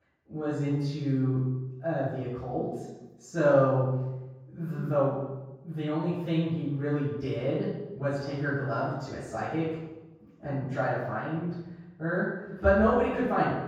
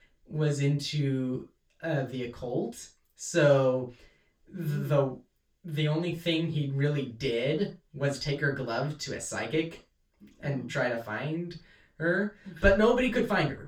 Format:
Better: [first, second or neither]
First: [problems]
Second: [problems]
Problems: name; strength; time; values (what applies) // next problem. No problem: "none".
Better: second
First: room echo; strong; dies away in 1.3 s // off-mic speech; far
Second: room echo; slight; dies away in 0.2 s // off-mic speech; far